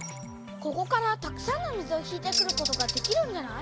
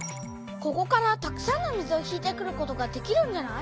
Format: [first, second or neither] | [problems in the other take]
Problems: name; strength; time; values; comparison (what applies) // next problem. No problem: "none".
second | background sound (Bird); 4 dB below the speech